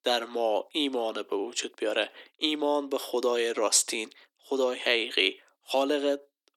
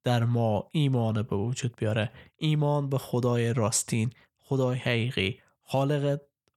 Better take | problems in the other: second | thin; somewhat; fading below 300 Hz

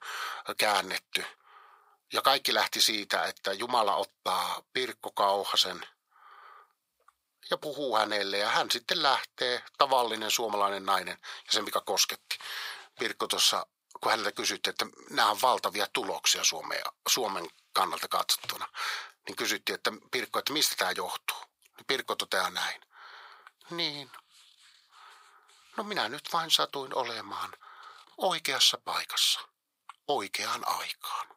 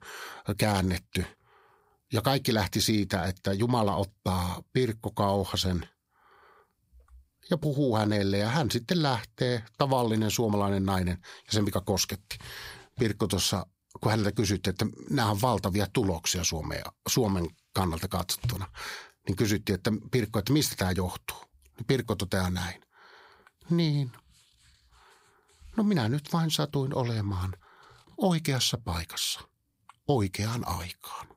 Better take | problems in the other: second | thin; very; fading below 650 Hz

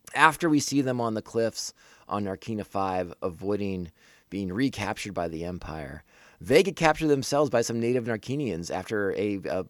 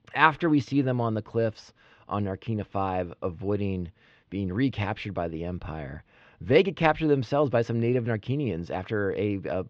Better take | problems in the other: first | muffled; slightly; fading above 3.5 kHz

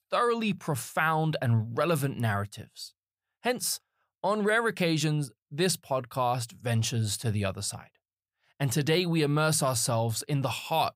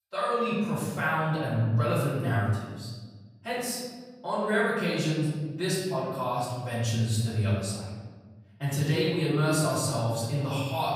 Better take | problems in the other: first | off-mic speech; far // room echo; strong; dies away in 1.4 s

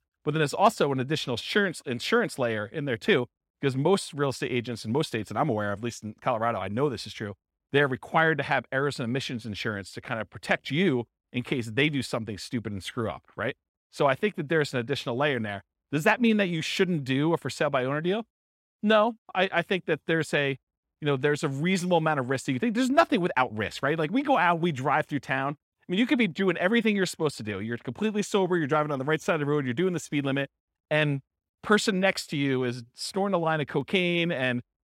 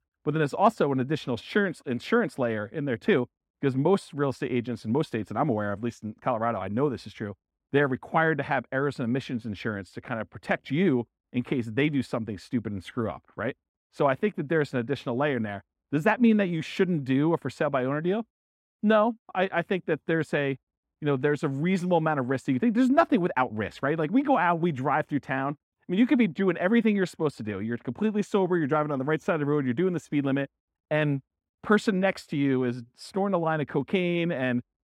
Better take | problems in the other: first | muffled; slightly; fading above 2.5 kHz

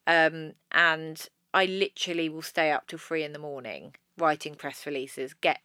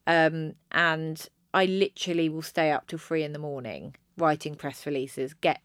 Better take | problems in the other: second | thin; very slightly; fading below 850 Hz

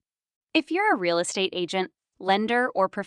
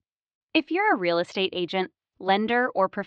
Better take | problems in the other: first | muffled; very slightly; fading above 4.5 kHz

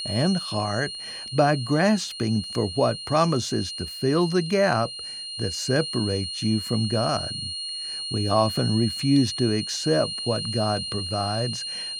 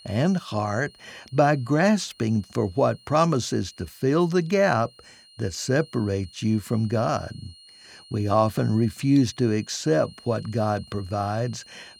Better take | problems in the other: second | high-pitched whine; loud; throughout; 4.5 kHz, 6 dB below the speech; faint in the second

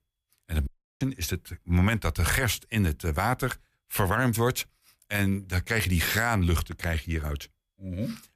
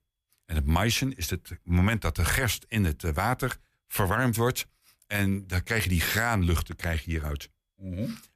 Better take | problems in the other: second | audio cutting out; at 0.5 s

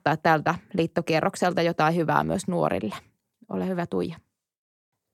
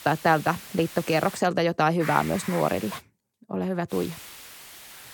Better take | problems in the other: first | hiss; noticeable; until 1.5 s, at 2 s and from 4 s on; 15 dB below the speech

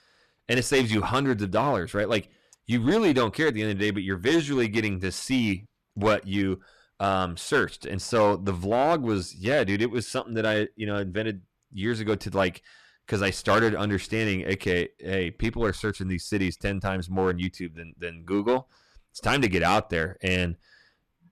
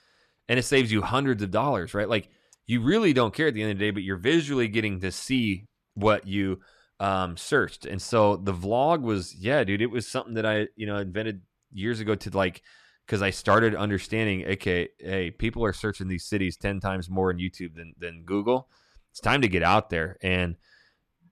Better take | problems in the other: second | distortion; slight; 4% of the sound clipped

